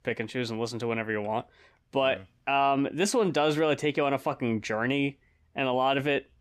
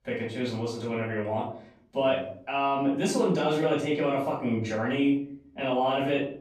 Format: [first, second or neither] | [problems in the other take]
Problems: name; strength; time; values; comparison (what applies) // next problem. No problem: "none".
first | off-mic speech; far // room echo; noticeable; dies away in 0.5 s